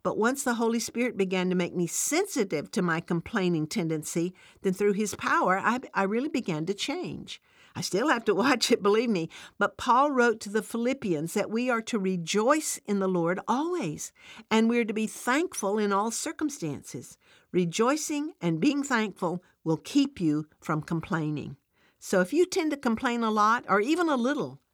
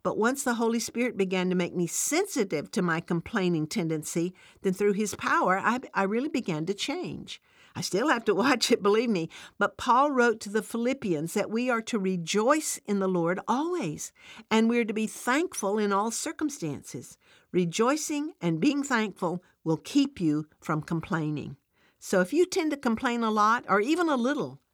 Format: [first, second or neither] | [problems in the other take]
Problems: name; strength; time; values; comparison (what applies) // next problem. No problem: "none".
neither | none